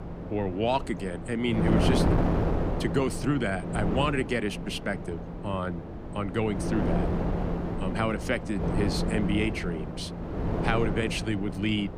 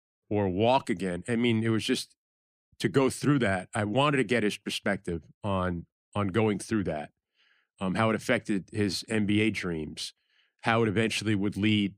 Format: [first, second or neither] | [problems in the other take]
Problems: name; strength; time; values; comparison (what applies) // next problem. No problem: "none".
second | wind noise on the microphone; heavy; 4 dB below the speech